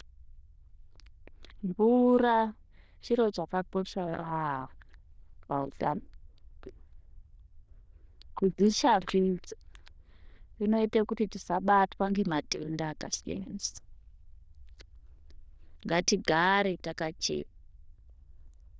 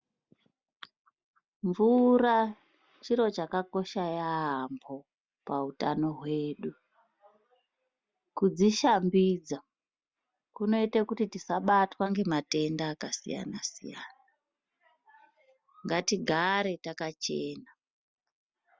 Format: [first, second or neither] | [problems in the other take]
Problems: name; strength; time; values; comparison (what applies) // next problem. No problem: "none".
second | noise reduction (neural diffusion model UNIVERSE++)